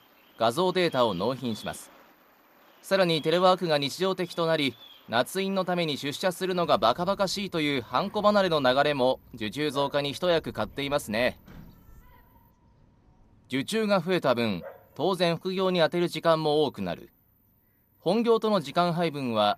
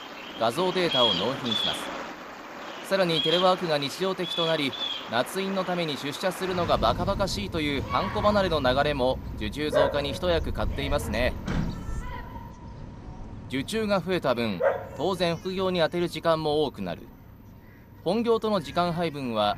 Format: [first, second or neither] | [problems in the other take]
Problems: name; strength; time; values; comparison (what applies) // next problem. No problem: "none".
first | animal sounds; loud; throughout; 4 dB below the speech; faint in the first